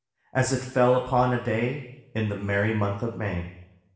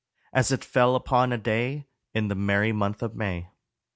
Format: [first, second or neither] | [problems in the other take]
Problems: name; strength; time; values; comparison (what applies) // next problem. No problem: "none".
second | room echo; dies away in 0.8 s